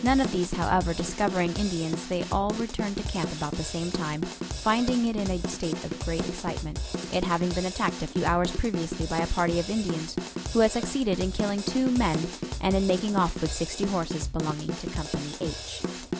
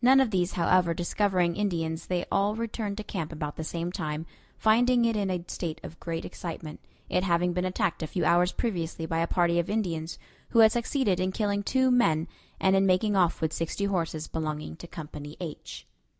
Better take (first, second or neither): second